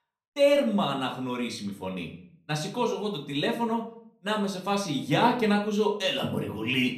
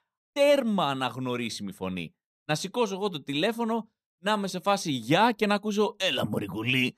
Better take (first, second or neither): second